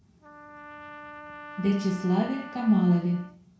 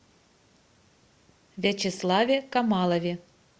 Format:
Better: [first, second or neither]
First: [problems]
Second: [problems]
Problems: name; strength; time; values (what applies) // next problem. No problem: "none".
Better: second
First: background sound (Trumpet); 16 dB below the speech // room echo; dies away in 0.5 s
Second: none